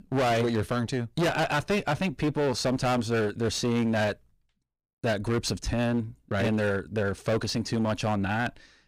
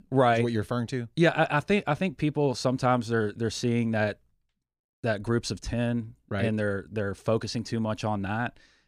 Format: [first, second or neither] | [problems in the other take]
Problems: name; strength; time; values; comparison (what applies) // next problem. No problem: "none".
second | distortion; heavy; 19% of the sound clipped